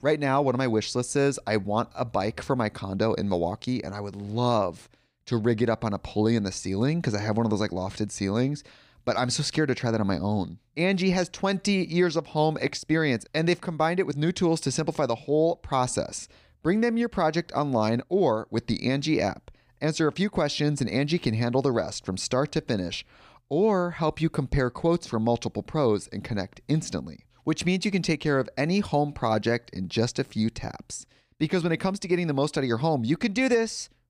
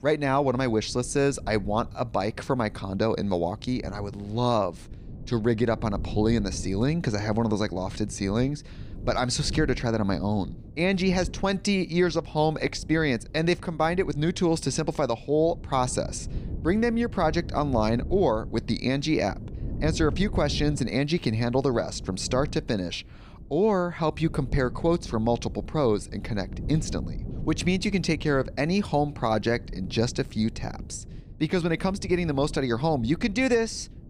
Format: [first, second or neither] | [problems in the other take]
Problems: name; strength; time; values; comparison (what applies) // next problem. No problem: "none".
first | wind noise on the microphone; occasional gusts; 20 dB below the speech